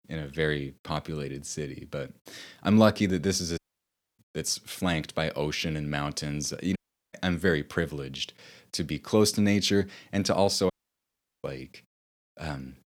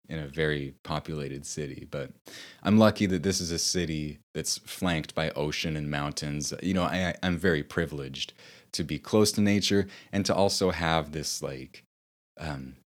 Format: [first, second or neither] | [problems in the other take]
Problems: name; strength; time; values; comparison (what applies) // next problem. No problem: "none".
second | audio cutting out; at 3.5 s for 0.5 s, at 7 s and at 11 s for 0.5 s